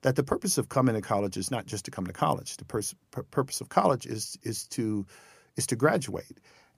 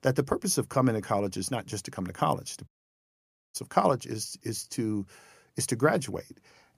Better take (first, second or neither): first